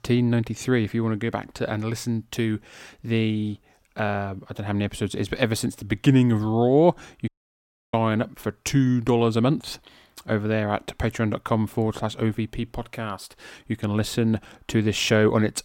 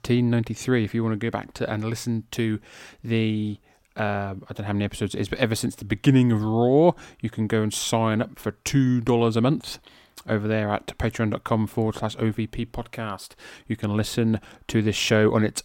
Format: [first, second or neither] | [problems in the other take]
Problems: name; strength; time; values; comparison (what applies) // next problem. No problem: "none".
second | audio cutting out; at 7.5 s for 0.5 s